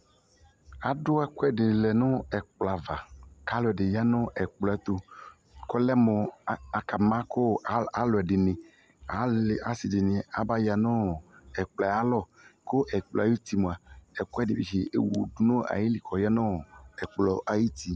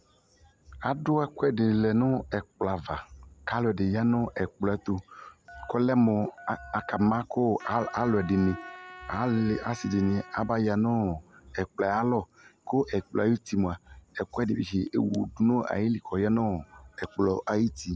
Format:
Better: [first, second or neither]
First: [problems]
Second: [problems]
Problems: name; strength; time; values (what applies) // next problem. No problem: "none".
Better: first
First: none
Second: background sound (Telephone + Trumpet); 18 dB below the speech